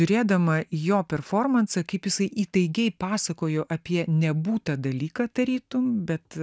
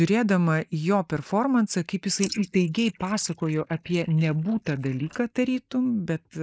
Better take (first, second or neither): first